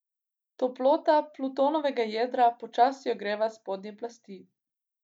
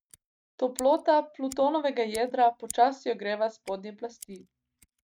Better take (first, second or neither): first